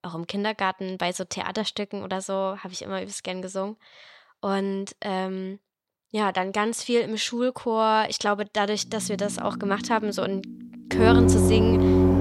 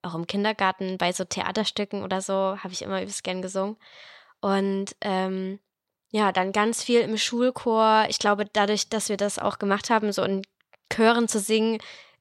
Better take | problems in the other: second | background music; very loud; from 9 s on; 4 dB above the speech

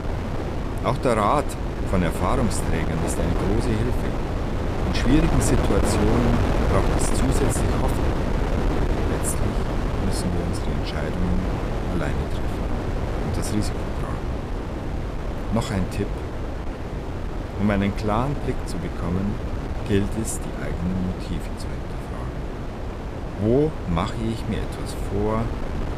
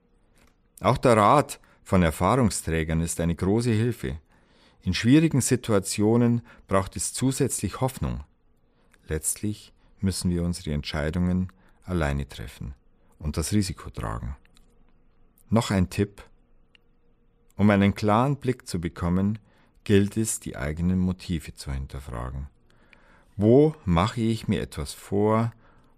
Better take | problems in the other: second | wind noise on the microphone; heavy; 2 dB below the speech

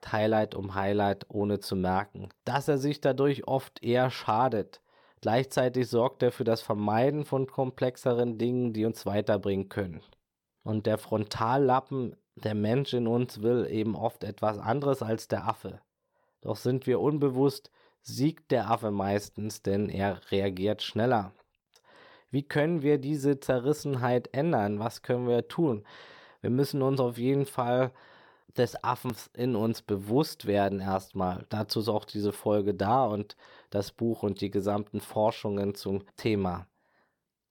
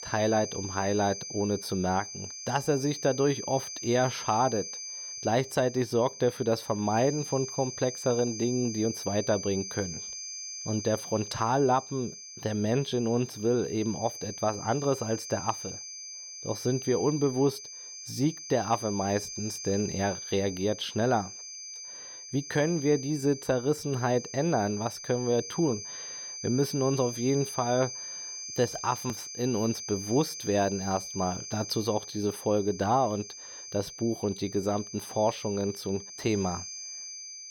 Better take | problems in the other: first | high-pitched whine; loud; throughout; 6 kHz, 9 dB below the speech

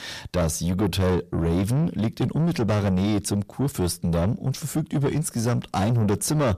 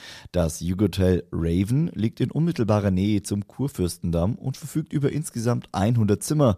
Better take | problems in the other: second | distortion; heavy; 8 dB below the speech

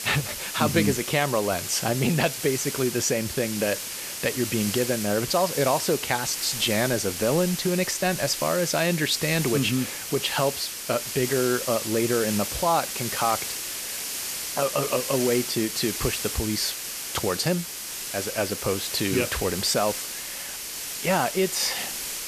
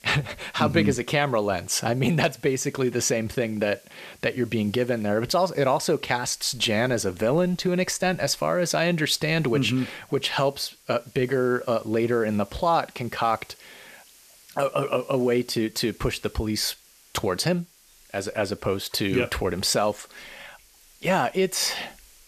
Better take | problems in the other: second | hiss; loud; throughout; 4 dB below the speech; faint in the second

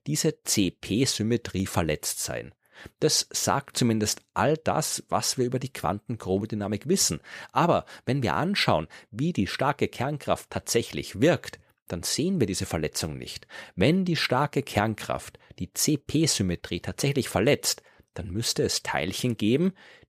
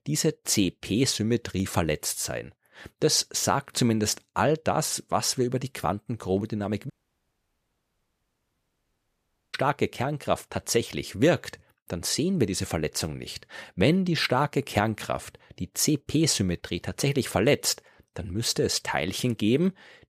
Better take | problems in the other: first | audio cutting out; at 7 s for 2.5 s

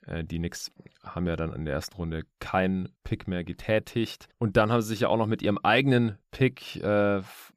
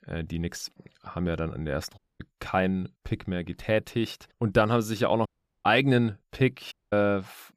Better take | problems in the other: first | audio cutting out; at 2 s, at 5.5 s and at 6.5 s

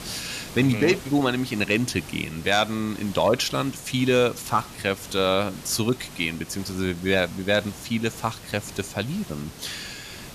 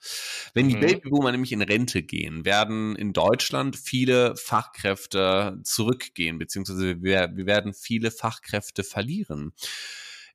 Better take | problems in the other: second | hiss; noticeable; throughout; 15 dB below the speech

